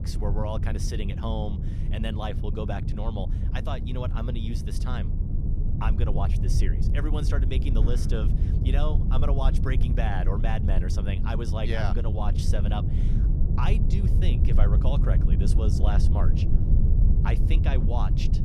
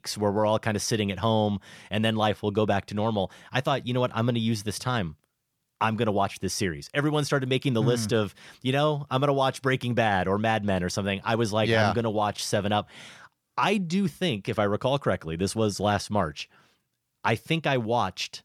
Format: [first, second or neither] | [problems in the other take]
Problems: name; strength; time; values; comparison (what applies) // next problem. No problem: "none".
second | low rumble; loud; throughout; 5 dB below the speech